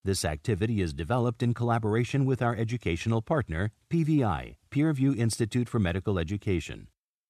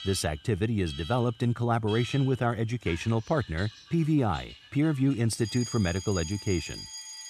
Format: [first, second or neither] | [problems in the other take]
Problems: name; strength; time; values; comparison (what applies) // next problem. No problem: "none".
first | alarms or sirens; noticeable; throughout; 15 dB below the speech